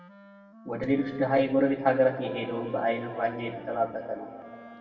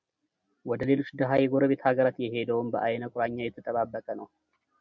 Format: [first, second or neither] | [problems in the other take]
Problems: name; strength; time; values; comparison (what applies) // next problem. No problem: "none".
second | background sound (Wind instrument, woodwind instrument); 19 dB below the speech // room echo; dies away in 2.1 s